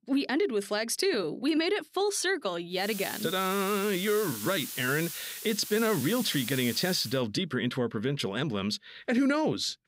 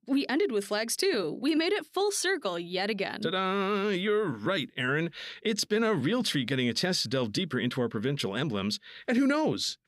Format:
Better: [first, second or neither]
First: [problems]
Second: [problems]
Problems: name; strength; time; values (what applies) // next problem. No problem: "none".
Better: second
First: hiss; loud; from 3 to 7 s; 8 dB below the speech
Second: none